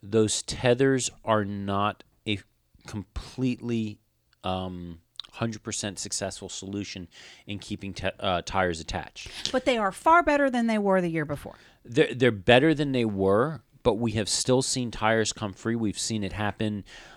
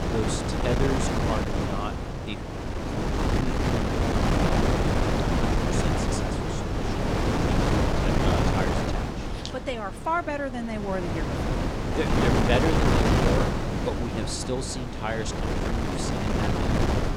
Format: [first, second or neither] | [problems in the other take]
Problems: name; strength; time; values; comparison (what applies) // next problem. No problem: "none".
first | wind noise on the microphone; heavy; 4 dB above the speech